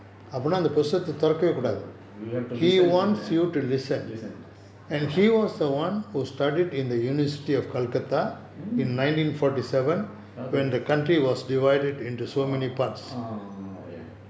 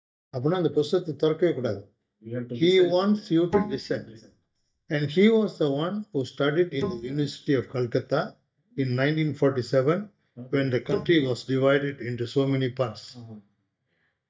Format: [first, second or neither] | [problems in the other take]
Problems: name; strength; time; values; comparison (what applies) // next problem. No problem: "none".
first | noise reduction (neural mask model DeepFilterNet 3)